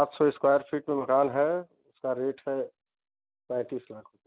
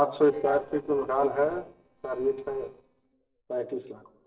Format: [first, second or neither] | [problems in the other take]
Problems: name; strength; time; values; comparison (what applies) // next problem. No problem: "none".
first | noise reduction (neural separator model SepFormer DNS4)